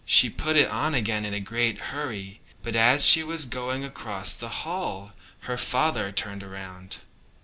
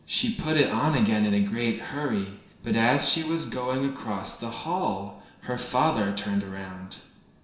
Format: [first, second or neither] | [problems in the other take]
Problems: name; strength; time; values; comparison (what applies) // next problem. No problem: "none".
first | room echo; dies away in 0.7 s